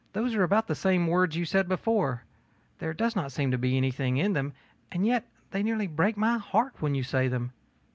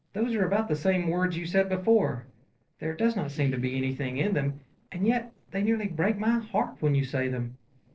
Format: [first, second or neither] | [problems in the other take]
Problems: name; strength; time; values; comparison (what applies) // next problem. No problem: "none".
first | noise reduction (neural separator model SepFormer DNS4)